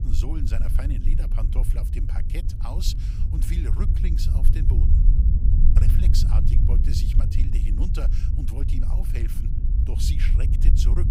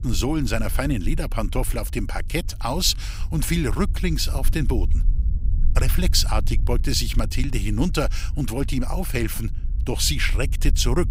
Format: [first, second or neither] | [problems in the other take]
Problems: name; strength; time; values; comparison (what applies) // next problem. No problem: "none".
second | low rumble; loud; throughout; 1 dB below the speech; faint in the second